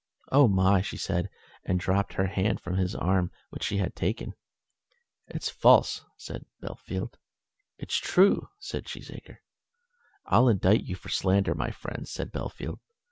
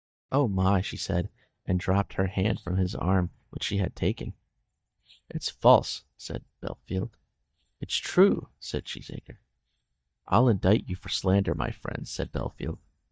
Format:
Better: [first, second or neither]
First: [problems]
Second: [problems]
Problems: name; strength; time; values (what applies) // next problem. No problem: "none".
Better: first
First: none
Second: noise reduction (neural mask model DeepFilterNet 3)